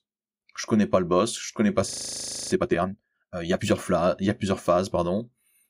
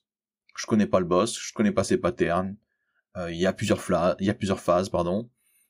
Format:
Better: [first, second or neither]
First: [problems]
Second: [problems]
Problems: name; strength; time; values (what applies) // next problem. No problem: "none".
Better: second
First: audio freezing; at 2 s for 0.5 s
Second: none